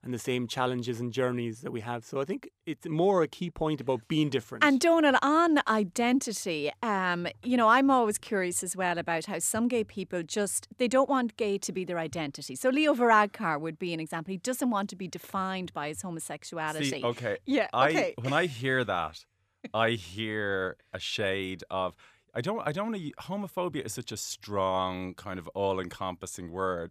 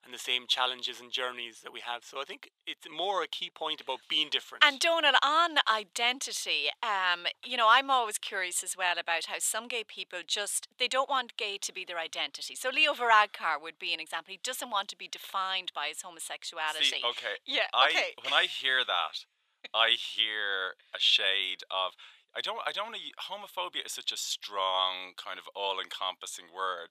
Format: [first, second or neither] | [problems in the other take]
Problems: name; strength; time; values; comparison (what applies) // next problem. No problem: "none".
first | thin; very; fading below 900 Hz